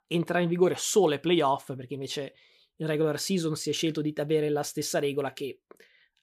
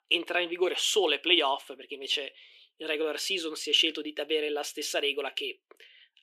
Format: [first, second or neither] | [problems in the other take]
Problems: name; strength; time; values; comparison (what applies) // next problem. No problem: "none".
first | thin; somewhat; fading below 300 Hz